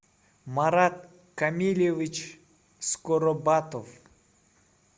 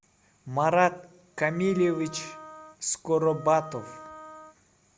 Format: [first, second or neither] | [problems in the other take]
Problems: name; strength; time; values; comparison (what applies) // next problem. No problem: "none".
first | background sound (Wind instrument, woodwind instrument); 17 dB below the speech